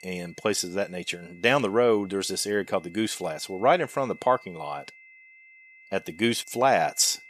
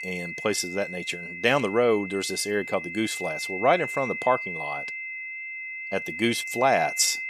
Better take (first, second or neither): first